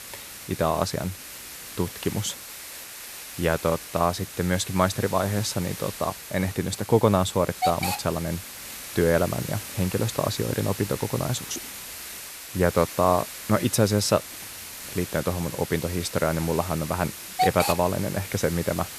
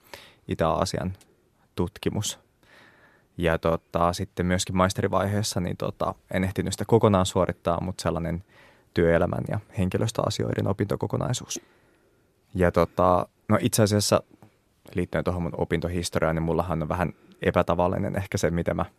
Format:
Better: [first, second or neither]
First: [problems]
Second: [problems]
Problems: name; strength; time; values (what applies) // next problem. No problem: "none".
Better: second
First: hiss; loud; throughout; 8 dB below the speech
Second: none